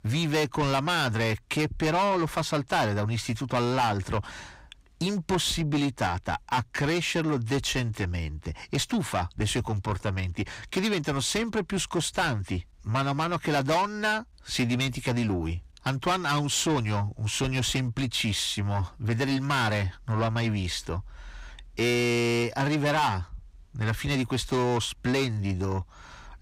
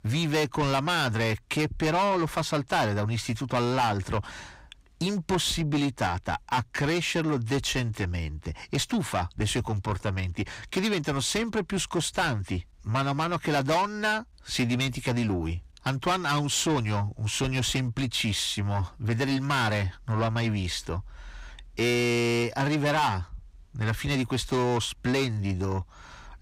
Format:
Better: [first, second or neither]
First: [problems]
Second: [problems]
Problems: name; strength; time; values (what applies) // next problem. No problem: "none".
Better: neither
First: distortion; heavy; 7 dB below the speech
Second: distortion; heavy; 7 dB below the speech